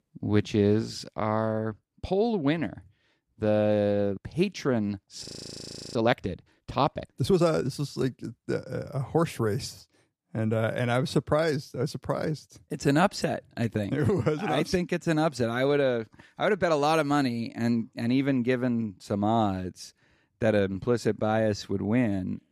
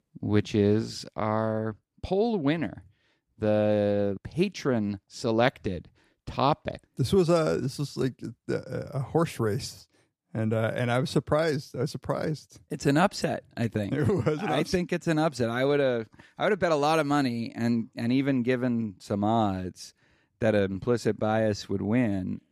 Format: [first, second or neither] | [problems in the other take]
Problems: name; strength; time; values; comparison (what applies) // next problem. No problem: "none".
second | audio freezing; at 5 s for 0.5 s